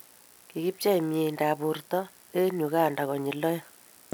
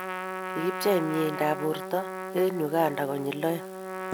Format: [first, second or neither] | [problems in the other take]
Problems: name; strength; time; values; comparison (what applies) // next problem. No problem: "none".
first | background sound (Trumpet); 7 dB below the speech